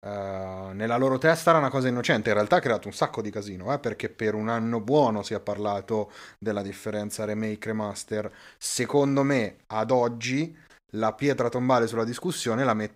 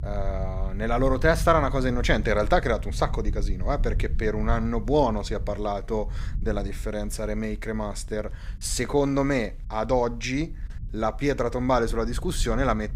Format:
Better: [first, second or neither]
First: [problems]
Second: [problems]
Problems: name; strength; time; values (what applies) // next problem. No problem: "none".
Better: first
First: none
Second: low rumble; faint; throughout; 25 dB below the speech